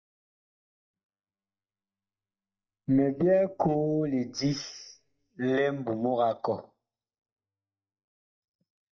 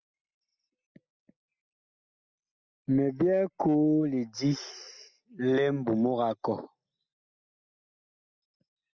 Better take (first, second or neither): second